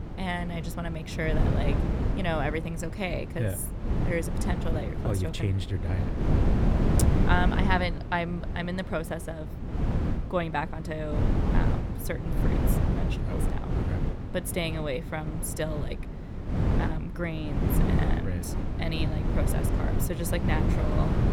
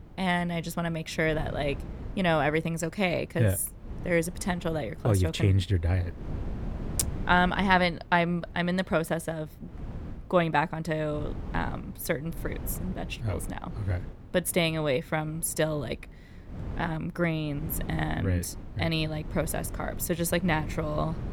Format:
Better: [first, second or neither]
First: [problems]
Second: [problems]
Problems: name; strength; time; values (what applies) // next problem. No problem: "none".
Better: second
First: wind noise on the microphone; heavy; 4 dB below the speech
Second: wind noise on the microphone; occasional gusts; 20 dB below the speech